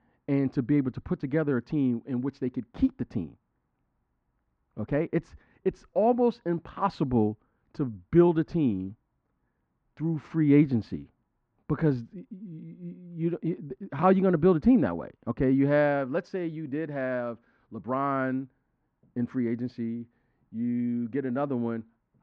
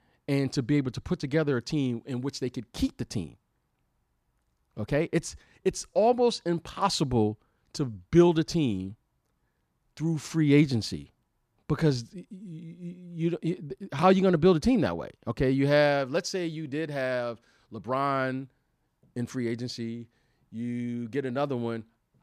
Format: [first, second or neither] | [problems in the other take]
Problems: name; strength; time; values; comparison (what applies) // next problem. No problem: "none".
second | muffled; very; fading above 1.5 kHz